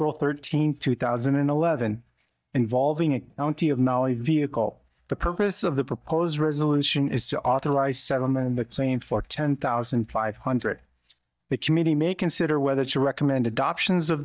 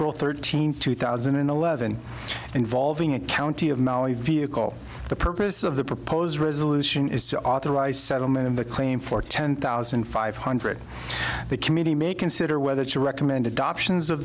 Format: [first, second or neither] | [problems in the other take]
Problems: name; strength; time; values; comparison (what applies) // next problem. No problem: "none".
second | noise reduction (neural mask model DeepFilterNet 3)